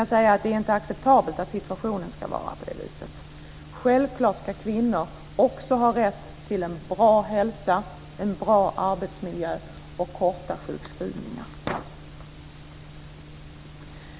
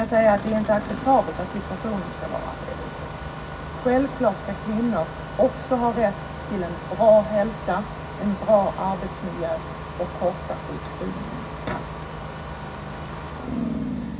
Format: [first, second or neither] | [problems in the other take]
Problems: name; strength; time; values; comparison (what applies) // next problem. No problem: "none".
first | background sound (Engine starting); 9 dB below the speech // room echo; dies away in 0.4 s